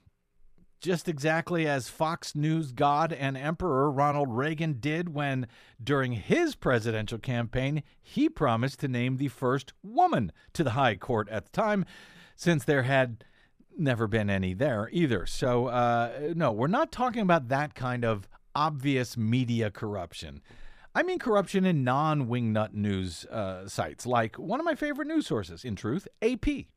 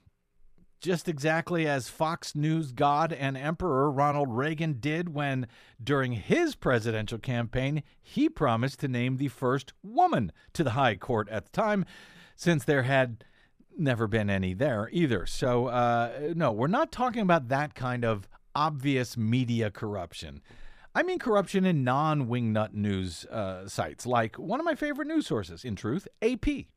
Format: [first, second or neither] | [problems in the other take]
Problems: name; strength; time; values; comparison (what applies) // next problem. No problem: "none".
neither | none